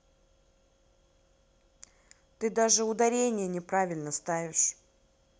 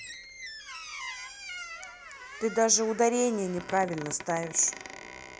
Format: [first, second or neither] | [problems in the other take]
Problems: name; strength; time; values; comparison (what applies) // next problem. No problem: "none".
first | background sound (Squeak); 12 dB below the speech